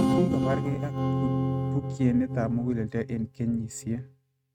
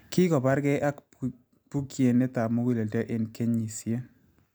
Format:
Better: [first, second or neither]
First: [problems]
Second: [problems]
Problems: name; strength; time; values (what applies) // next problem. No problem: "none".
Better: second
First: noise reduction (neural mask model RNNoise)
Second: none